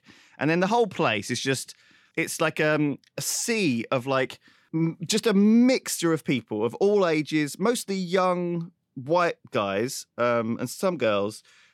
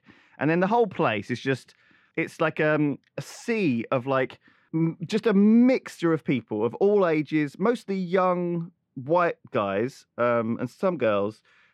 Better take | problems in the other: first | muffled; slightly; fading above 4 kHz

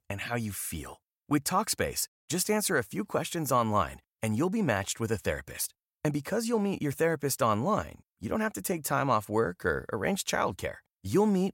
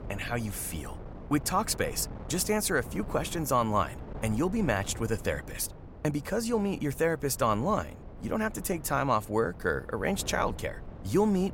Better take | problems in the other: first | wind noise on the microphone; occasional gusts; 20 dB below the speech

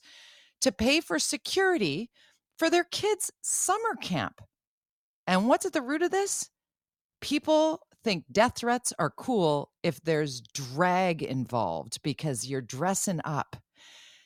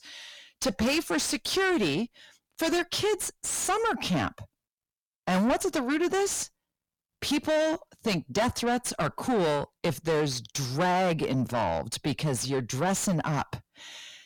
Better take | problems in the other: first | distortion; heavy; 5 dB below the speech

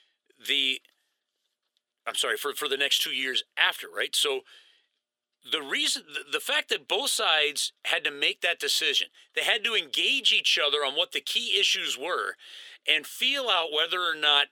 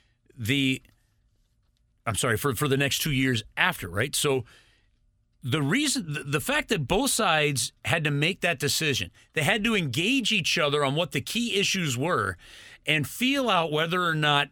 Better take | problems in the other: second | thin; very; fading below 400 Hz

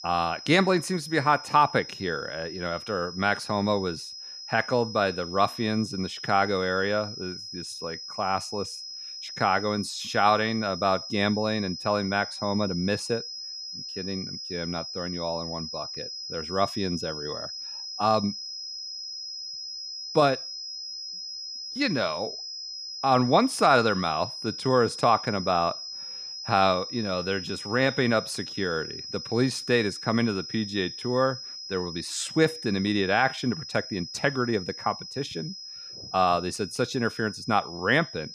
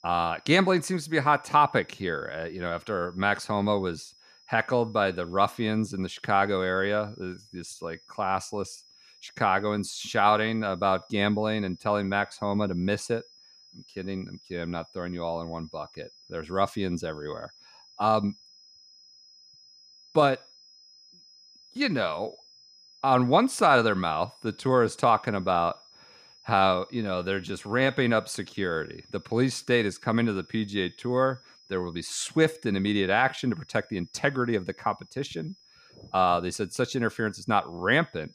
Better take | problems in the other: second | high-pitched whine; loud; throughout; 5 kHz, 9 dB below the speech; faint in the second

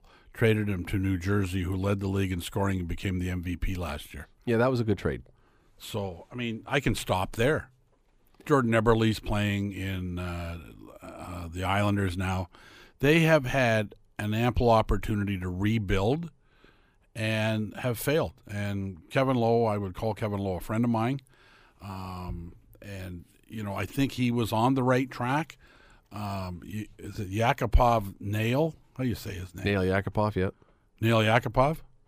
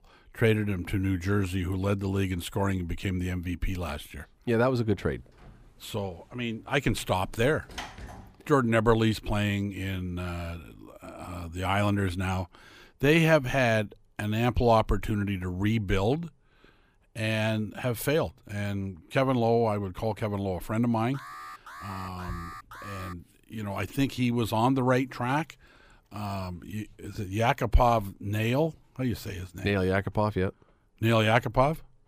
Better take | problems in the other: first | door banging; faint; from 5.5 to 8.5 s; peak 10 dB below the speech // alarm; faint; from 21 to 23 s; peak 15 dB below the speech

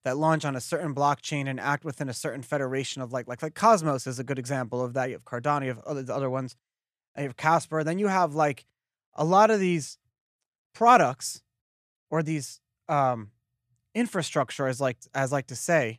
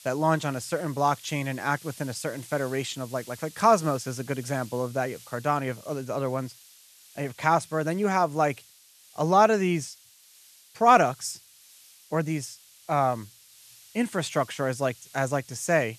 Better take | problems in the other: first | hiss; faint; throughout; 20 dB below the speech

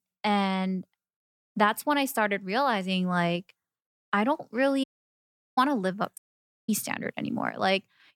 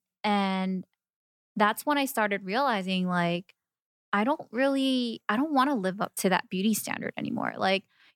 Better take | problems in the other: second | audio cutting out; at 5 s for 0.5 s and at 6 s for 0.5 s

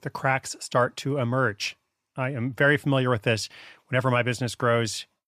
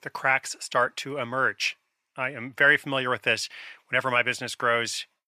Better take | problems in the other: first | thin; somewhat; fading below 1 kHz

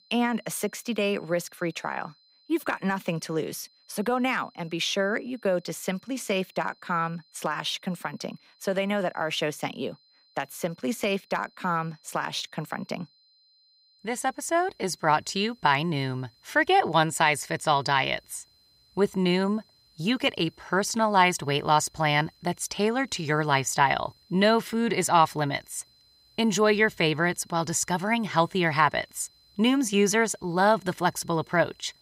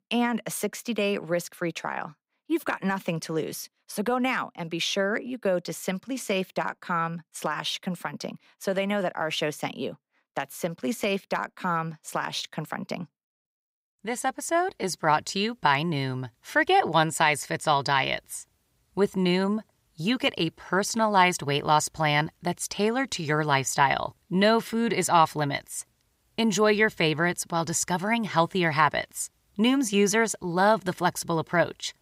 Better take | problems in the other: second | high-pitched whine; faint; throughout; 4 kHz, 35 dB below the speech

